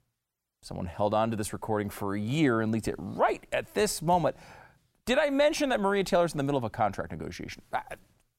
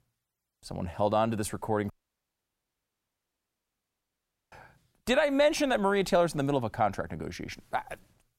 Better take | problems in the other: first | audio cutting out; at 2 s for 2.5 s

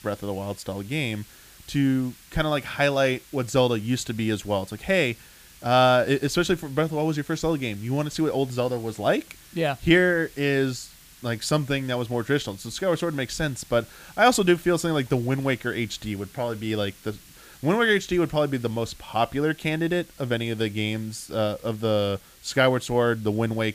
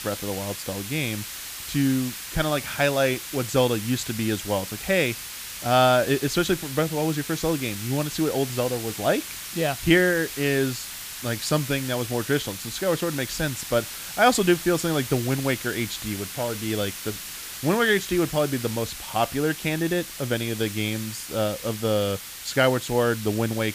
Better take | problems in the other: first | hiss; loud; throughout; 9 dB below the speech; faint in the first

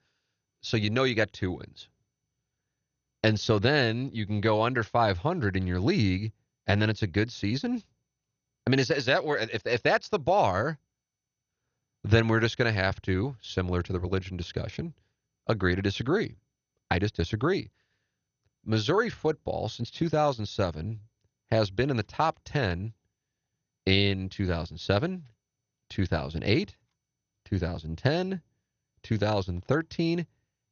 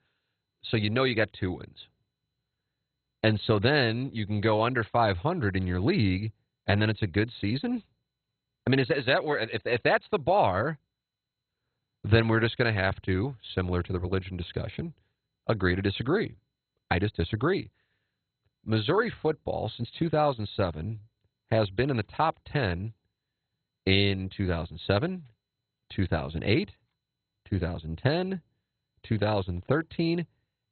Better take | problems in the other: first | garbled, watery; badly; nothing above 4 kHz; slightly in the first

